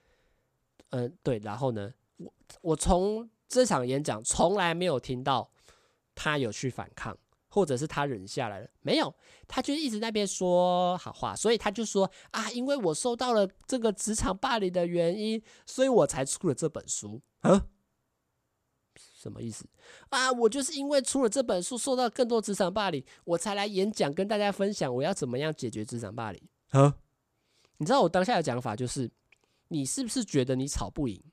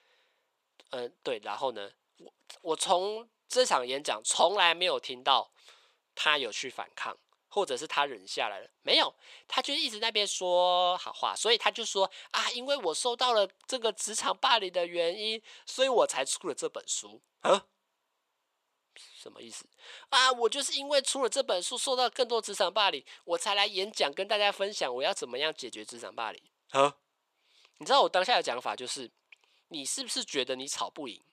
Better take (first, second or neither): first